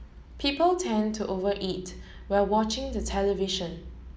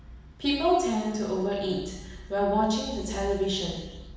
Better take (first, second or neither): first